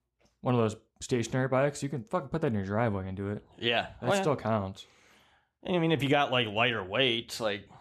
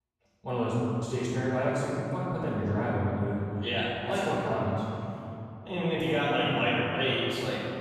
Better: first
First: none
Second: room echo; strong; dies away in 2.9 s // off-mic speech; far

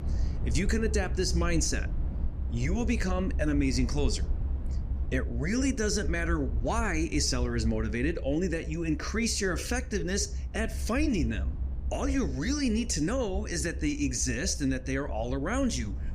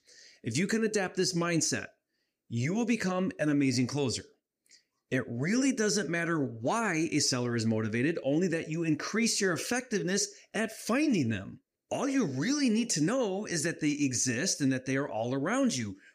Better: second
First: low rumble; noticeable; throughout; 20 dB below the speech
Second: none

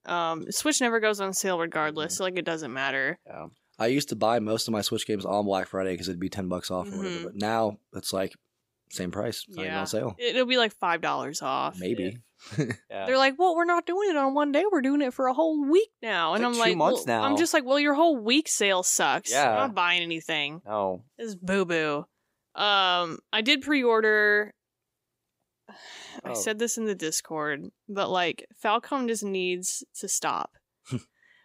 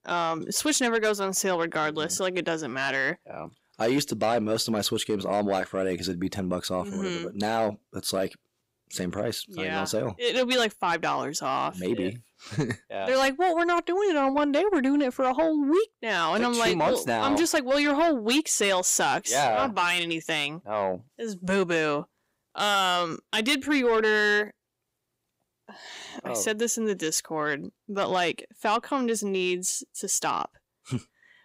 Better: first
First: none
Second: distortion; slight; 10 dB below the speech

